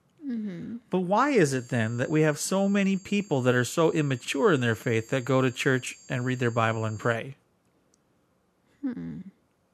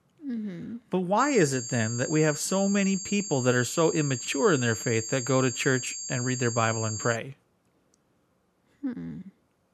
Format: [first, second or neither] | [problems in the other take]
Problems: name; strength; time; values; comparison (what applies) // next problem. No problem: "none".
first | high-pitched whine; loud; from 1 to 7 s; 7.5 kHz, 7 dB below the speech; faint in the first